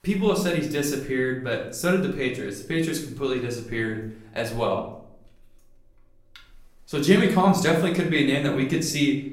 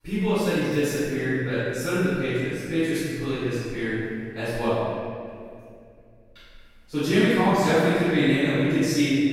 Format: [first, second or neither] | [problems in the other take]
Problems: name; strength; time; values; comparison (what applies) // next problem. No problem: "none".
first | room echo; strong; dies away in 2.1 s; slight in the first // off-mic speech; far; far in the first